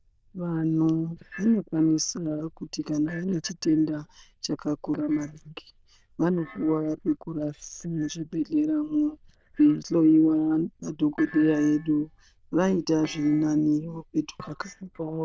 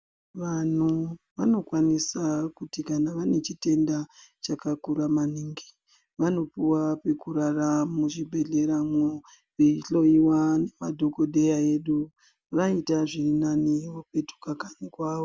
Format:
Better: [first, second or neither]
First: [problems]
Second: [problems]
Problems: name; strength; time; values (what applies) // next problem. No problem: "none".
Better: second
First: noise reduction (neural diffusion model UNIVERSE++)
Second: none